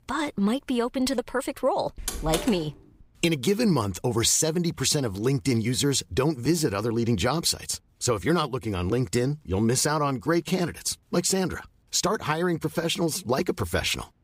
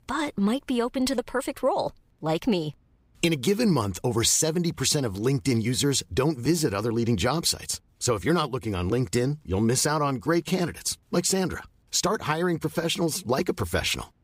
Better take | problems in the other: second | door banging; noticeable; at 2 s; peak 4 dB below the speech

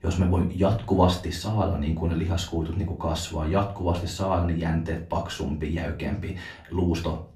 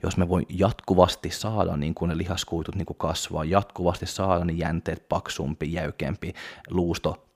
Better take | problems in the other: second | off-mic speech; far // room echo; very slight; dies away in 0.3 s

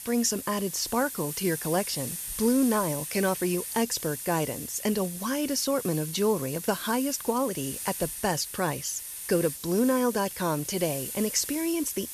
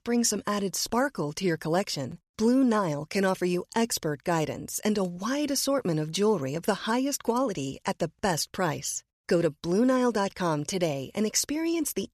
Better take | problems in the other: second | hiss; loud; throughout; 7 dB below the speech

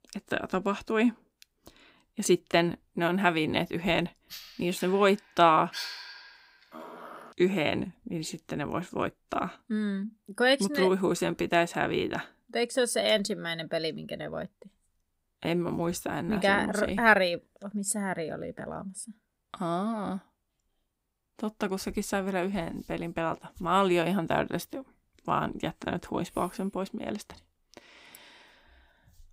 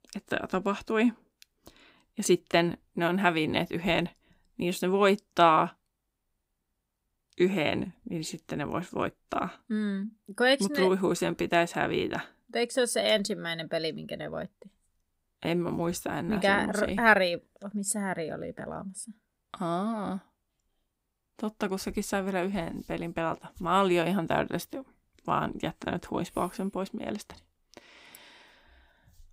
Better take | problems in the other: second | dog barking; noticeable; from 4.5 to 7.5 s; peak 7 dB below the speech

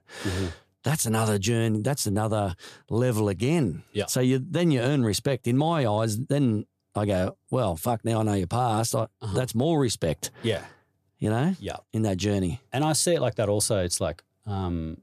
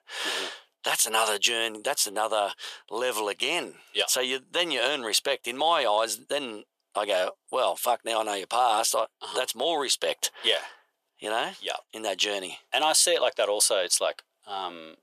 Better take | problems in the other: first | thin; very; fading below 550 Hz

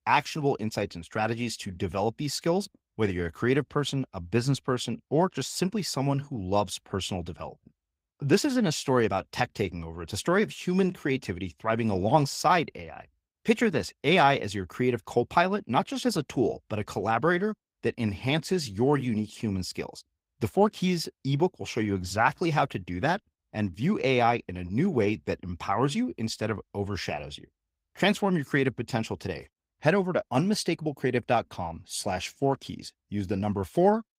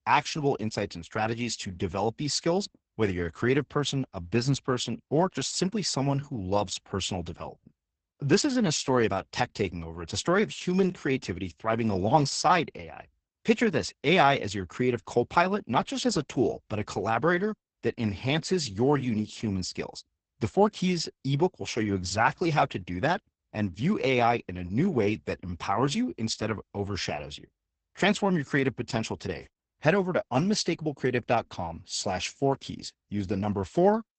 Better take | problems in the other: first | garbled, watery; badly; nothing above 8 kHz; slightly in the first

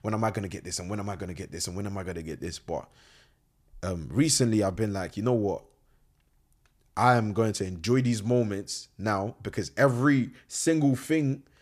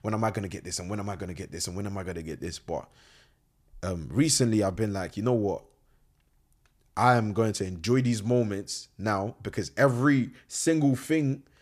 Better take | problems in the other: neither | none

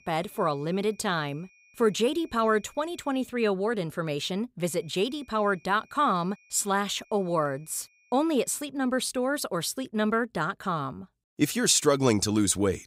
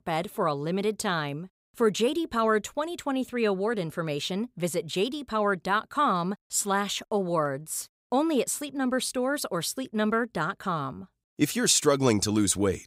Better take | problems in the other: second | high-pitched whine; faint; until 3.5 s and from 4.5 to 8.5 s; 2.5 kHz, 30 dB below the speech

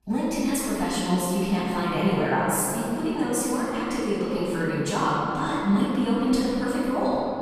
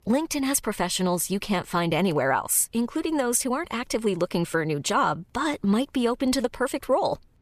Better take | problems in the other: second | off-mic speech; far // room echo; strong; dies away in 3 s

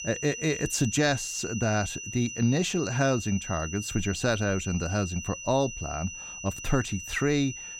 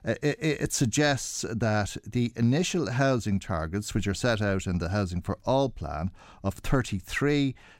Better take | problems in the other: second | high-pitched whine; loud; throughout; 6 kHz, 8 dB below the speech

